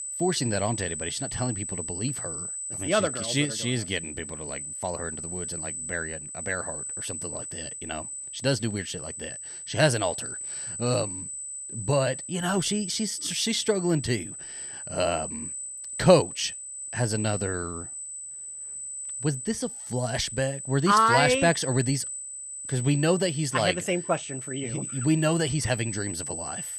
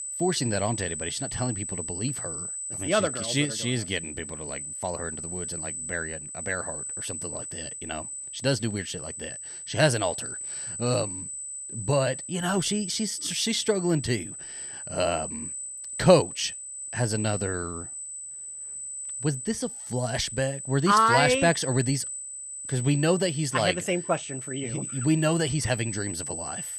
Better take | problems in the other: neither | high-pitched whine; loud; throughout; 8 kHz, 6 dB below the speech; the same in both

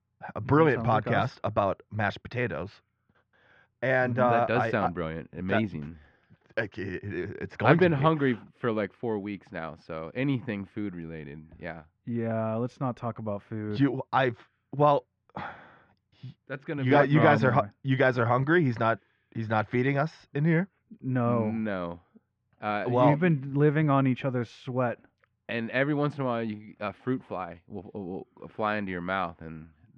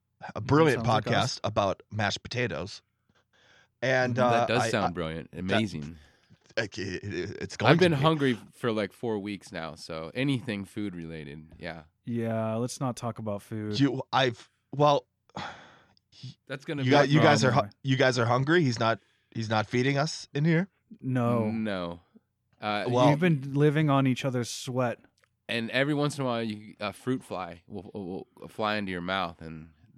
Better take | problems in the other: second | muffled; very; fading above 2 kHz

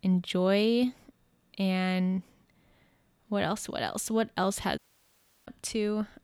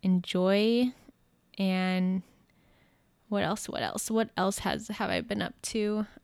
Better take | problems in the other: second | audio cutting out; at 5 s for 0.5 s

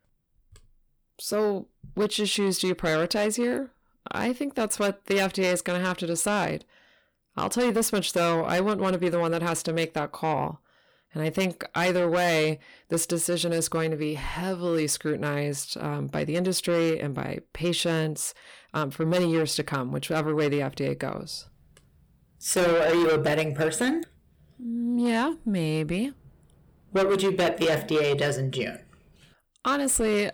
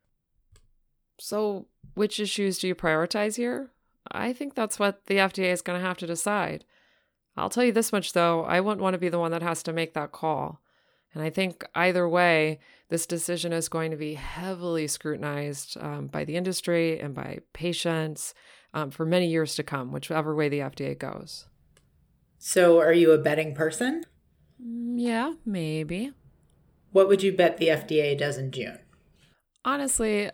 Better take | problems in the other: second | distortion; heavy; 7 dB below the speech

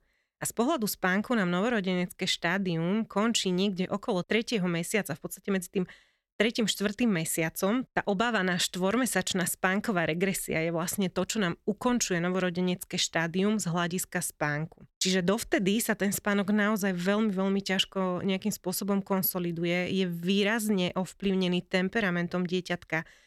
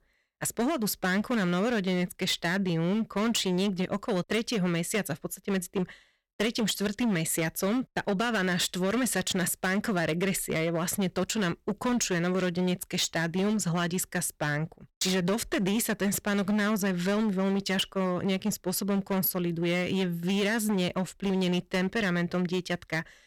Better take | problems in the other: first | distortion; slight; 15% of the sound clipped

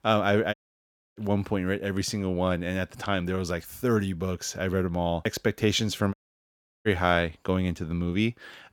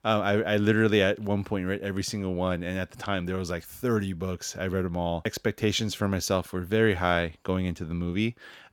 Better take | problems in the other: second | audio cutting out; at 0.5 s for 0.5 s and at 6 s for 0.5 s

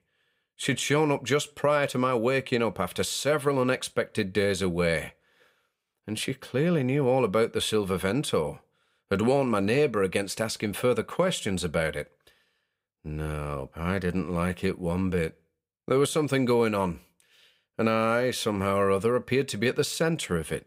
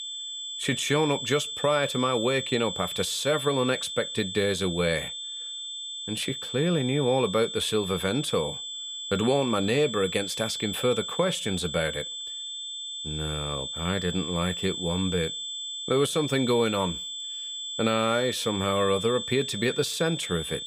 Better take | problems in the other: first | high-pitched whine; loud; throughout; 3.5 kHz, 5 dB below the speech

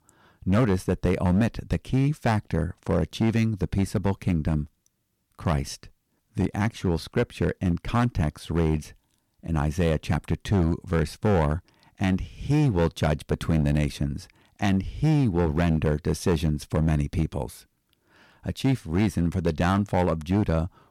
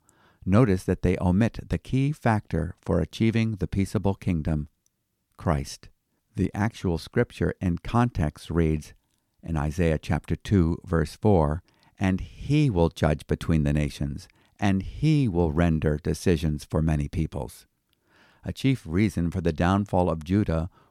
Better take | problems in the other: second | distortion; slight; 6% of the sound clipped

